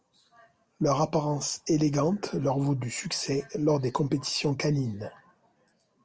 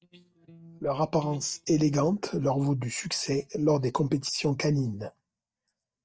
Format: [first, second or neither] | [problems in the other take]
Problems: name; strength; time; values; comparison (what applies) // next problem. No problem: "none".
first | noise reduction (neural mask model DeepFilterNet 3)